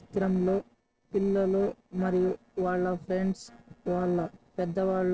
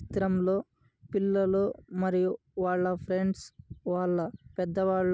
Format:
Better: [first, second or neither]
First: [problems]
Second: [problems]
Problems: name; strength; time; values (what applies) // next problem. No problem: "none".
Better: second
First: noise reduction (neural separator model SepFormer DNS4)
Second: none